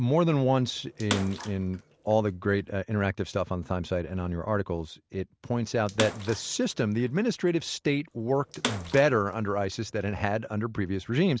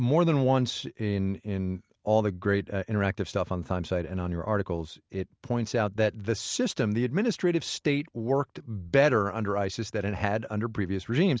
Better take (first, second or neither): second